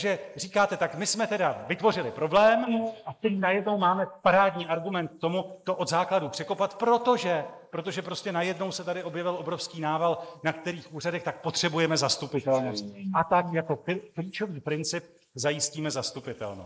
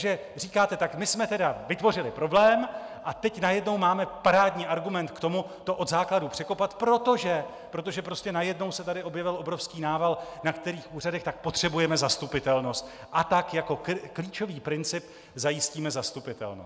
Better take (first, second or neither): second